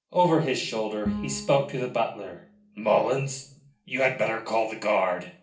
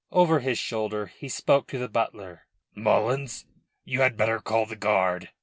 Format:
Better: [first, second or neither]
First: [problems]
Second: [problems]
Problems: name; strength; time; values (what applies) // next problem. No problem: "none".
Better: second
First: background sound (Bowed string instrument); 13 dB below the speech // room echo; dies away in 0.4 s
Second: none